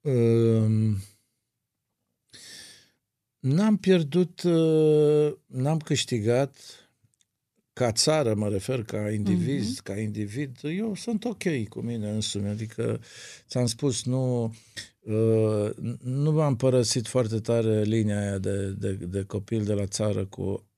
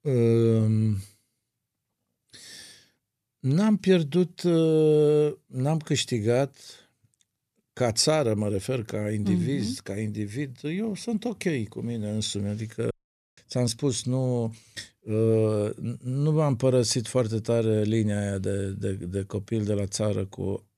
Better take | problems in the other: first | audio cutting out; at 13 s

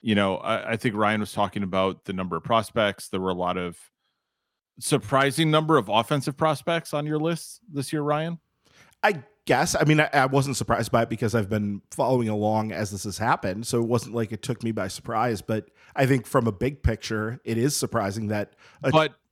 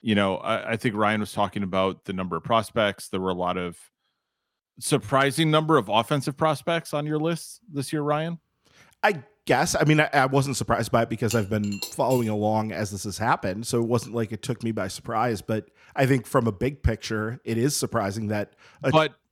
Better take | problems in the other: first | clattering dishes; noticeable; at 11 s; peak 10 dB below the speech

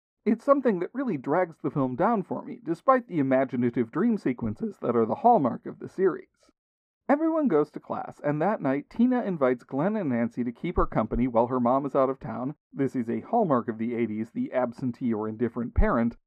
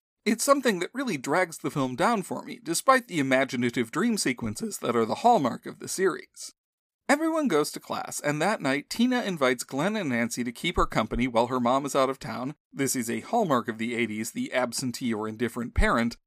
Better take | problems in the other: second | muffled; very; fading above 3 kHz

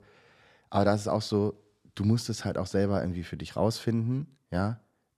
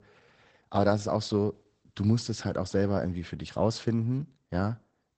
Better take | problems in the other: first | garbled, watery; badly; nothing above 8 kHz

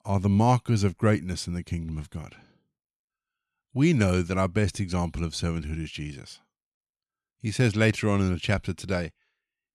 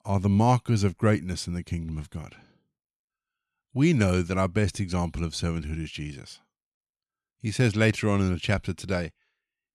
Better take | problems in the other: neither | none

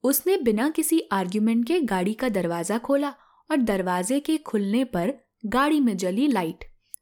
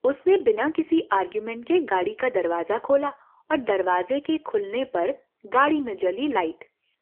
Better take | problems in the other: first | phone-call audio; poor line; nothing above 3 kHz

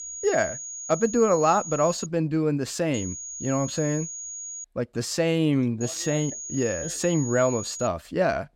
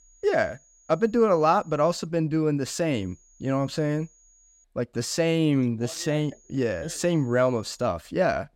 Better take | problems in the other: second | high-pitched whine; loud; until 2 s, from 3 to 4.5 s and from 6 to 8 s; 6.5 kHz, 9 dB below the speech; faint in the second

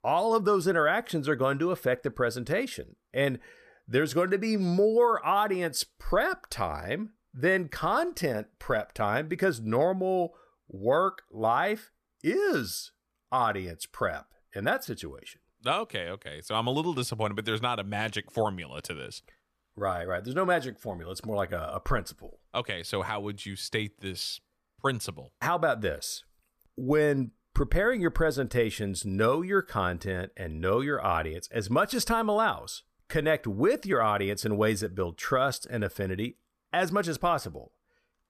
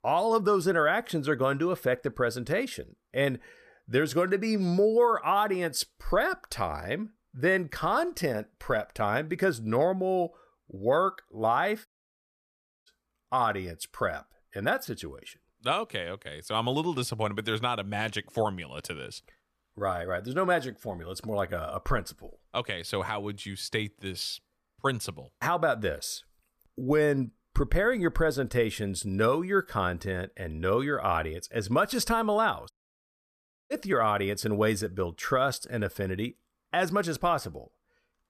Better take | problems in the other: first | audio cutting out; at 12 s for 1 s and at 33 s for 1 s

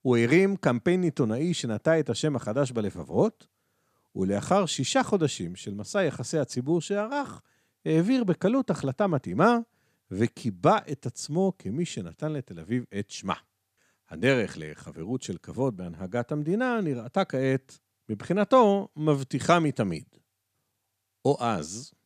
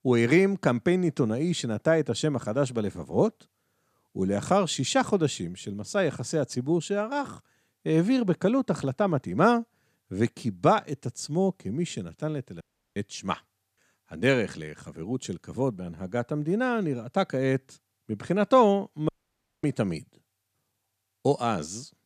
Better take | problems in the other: first | audio cutting out; at 13 s and at 19 s for 0.5 s

